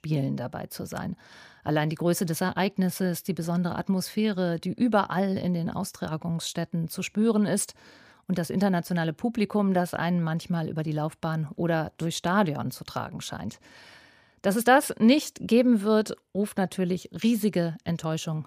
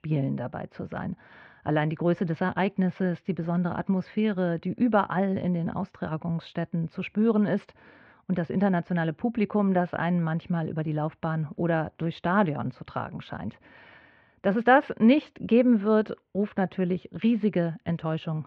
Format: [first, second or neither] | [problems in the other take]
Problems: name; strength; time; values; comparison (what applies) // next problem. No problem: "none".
first | muffled; very; fading above 2.5 kHz